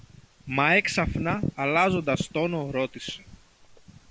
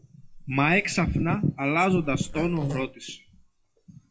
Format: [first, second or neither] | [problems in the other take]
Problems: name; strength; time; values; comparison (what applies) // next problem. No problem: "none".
first | noise reduction (classical method WPE with log-MMSE)